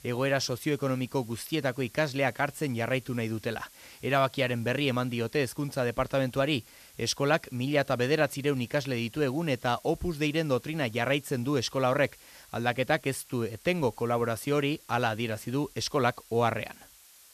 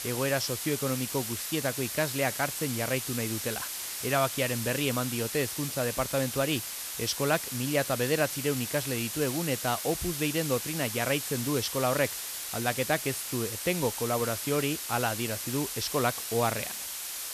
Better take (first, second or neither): first